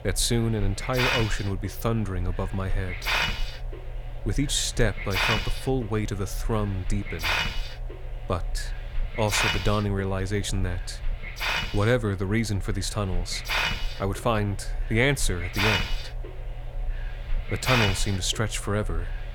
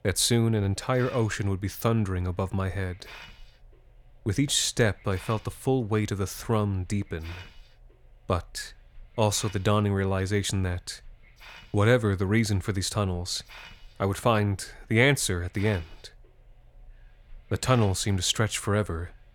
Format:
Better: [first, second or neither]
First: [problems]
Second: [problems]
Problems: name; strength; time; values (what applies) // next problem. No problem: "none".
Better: second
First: hiss; loud; throughout; 3 dB below the speech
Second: hiss; faint; throughout; 25 dB below the speech